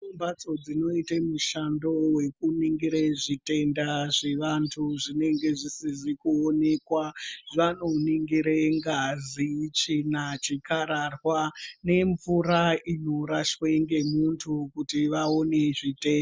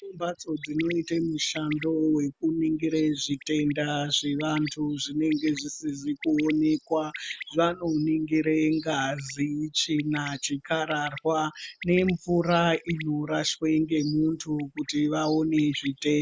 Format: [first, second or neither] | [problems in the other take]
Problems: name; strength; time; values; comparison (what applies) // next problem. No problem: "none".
first | background sound (Bird); 19 dB below the speech